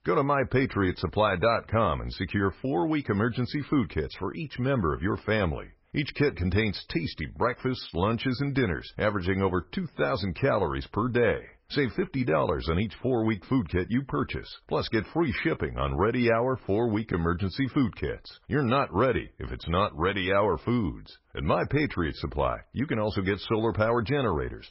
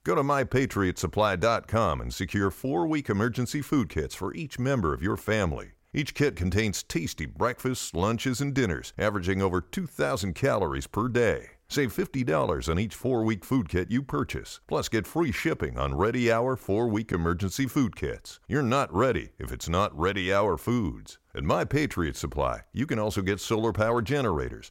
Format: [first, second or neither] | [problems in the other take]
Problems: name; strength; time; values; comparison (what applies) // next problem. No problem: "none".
second | garbled, watery; badly; nothing above 5.5 kHz